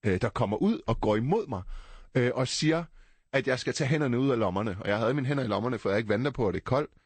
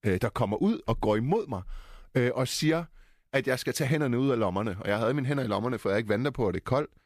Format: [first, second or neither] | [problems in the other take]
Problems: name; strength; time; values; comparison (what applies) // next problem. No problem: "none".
second | garbled, watery; slightly; nothing above 8.5 kHz